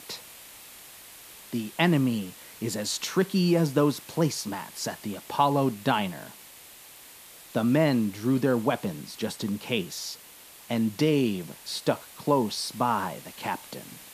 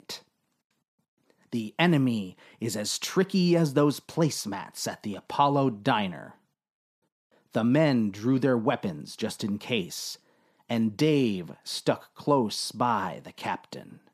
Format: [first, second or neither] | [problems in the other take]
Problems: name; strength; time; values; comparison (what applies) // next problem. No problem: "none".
second | hiss; noticeable; throughout; 20 dB below the speech